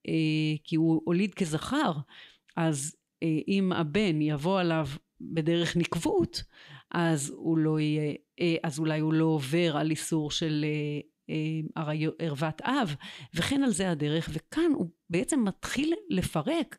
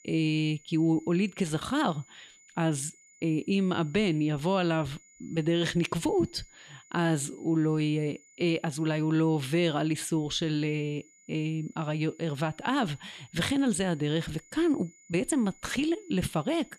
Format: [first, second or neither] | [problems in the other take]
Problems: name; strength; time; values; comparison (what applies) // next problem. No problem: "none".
first | high-pitched whine; faint; throughout; 7 kHz, 25 dB below the speech